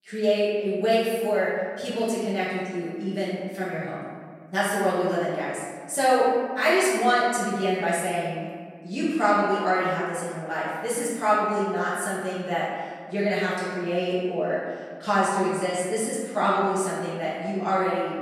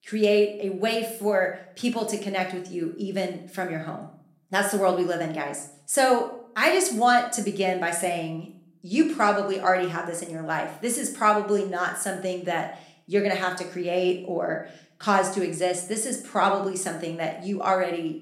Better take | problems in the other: second | room echo; strong; dies away in 1.5 s; slight in the second // off-mic speech; far; somewhat distant in the second

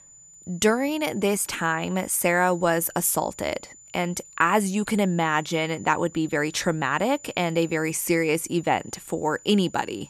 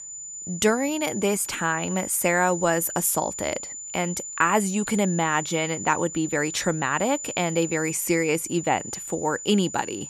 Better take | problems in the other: first | high-pitched whine; loud; throughout; 7 kHz, 8 dB below the speech; faint in the first

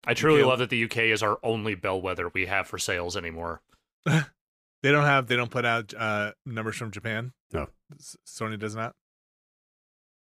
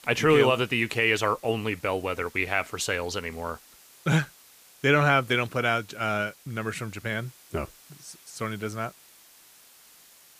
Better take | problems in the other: first | hiss; faint; throughout; 25 dB below the speech

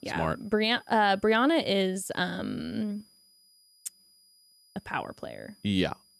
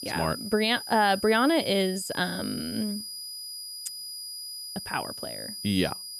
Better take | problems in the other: first | high-pitched whine; loud; throughout; 5 kHz, 9 dB below the speech; faint in the first

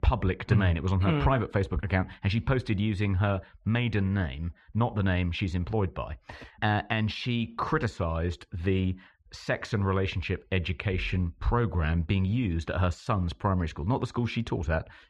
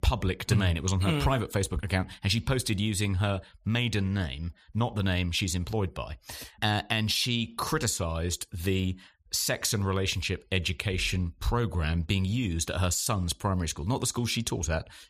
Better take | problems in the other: second | muffled; very; fading above 2 kHz

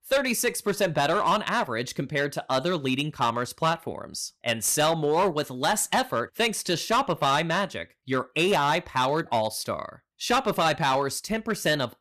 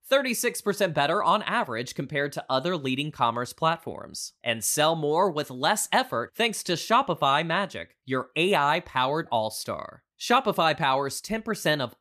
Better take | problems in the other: second | distortion; slight; 7% of the sound clipped

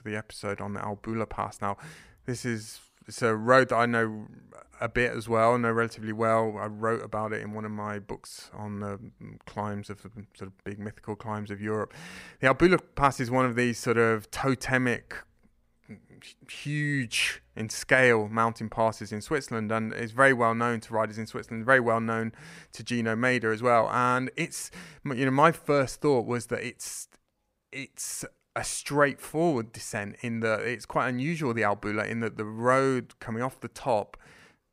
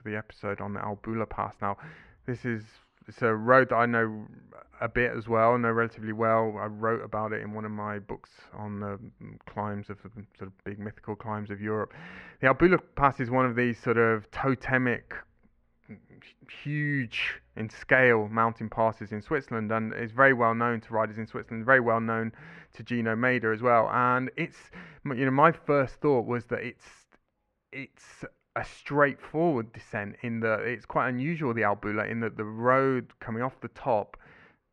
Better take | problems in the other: first | muffled; very; fading above 2 kHz

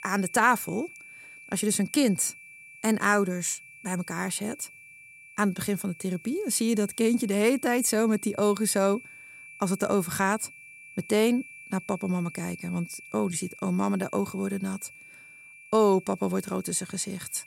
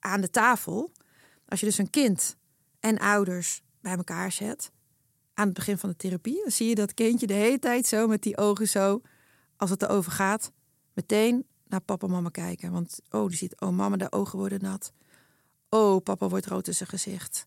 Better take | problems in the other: second | high-pitched whine; noticeable; throughout; 2.5 kHz, 20 dB below the speech

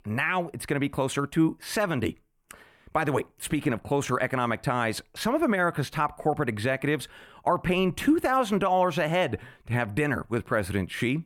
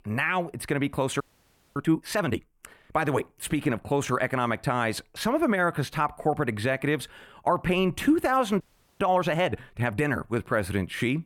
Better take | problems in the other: first | audio freezing; at 1 s for 0.5 s and at 8.5 s

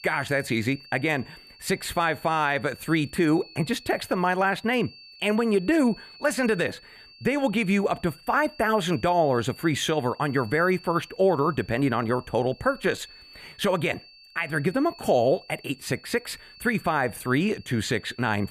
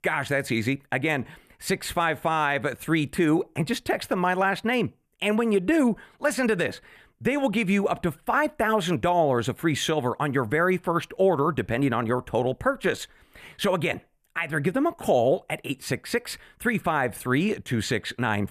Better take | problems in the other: second | high-pitched whine; faint; throughout; 4.5 kHz, 20 dB below the speech

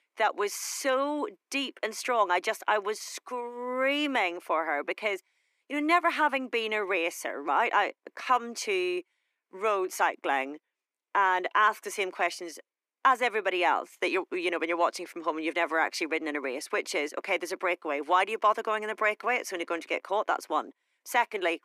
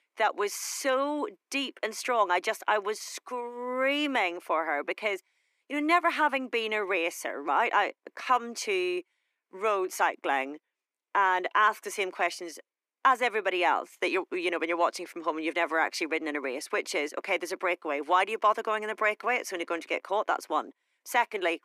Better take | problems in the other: neither | thin; somewhat; fading below 300 Hz; the same in both

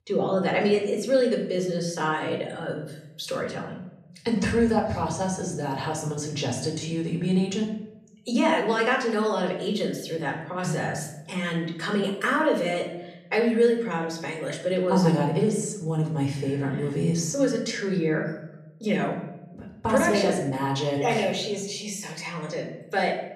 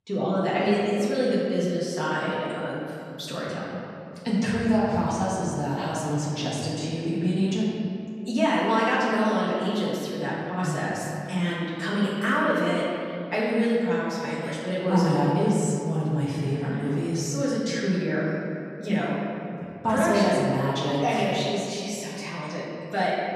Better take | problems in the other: first | room echo; strong; dies away in 2.3 s; slight in the first // off-mic speech; far; somewhat distant in the first

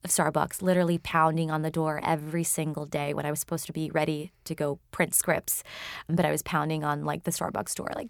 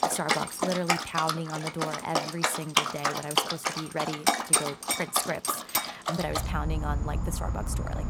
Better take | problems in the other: first | animal sounds; very loud; throughout; 5 dB above the speech

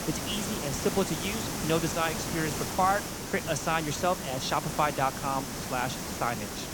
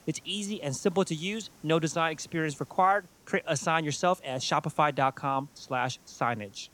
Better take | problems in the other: second | hiss; loud; throughout; 3 dB below the speech; faint in the second

